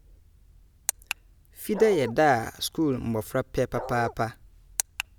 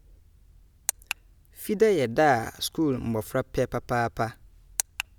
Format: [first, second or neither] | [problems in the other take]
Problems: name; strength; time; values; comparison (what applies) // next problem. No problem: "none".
second | background sound (Bark); 9 dB below the speech